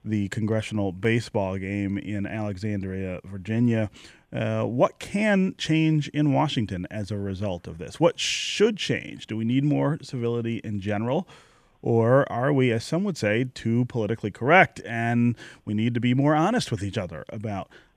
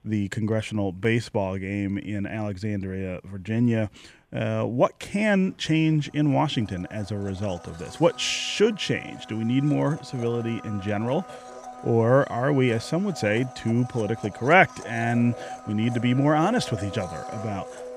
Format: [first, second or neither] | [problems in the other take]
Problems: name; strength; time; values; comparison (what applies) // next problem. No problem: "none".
first | household noises; noticeable; throughout; 15 dB below the speech